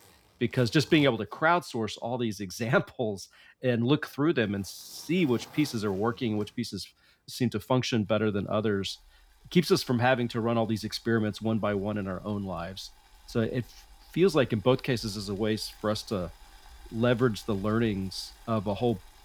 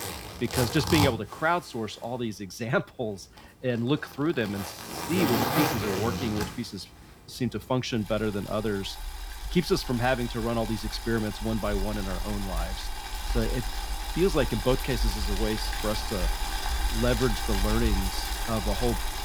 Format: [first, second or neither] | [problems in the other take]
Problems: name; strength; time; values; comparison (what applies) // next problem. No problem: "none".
first | household noises; loud; throughout; 3 dB below the speech; faint in the first